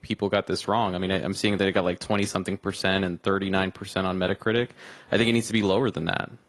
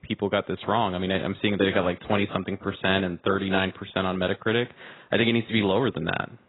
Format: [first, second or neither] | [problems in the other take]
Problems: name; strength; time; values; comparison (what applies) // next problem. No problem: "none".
first | garbled, watery; badly; nothing above 4 kHz; slightly in the first